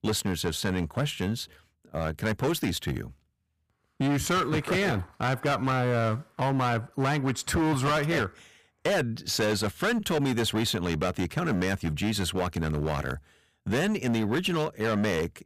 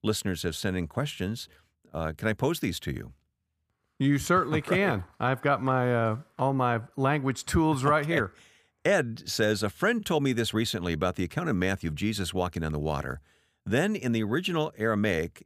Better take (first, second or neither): second